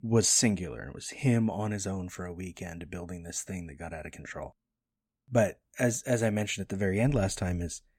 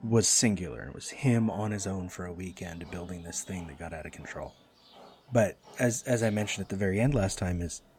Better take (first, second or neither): first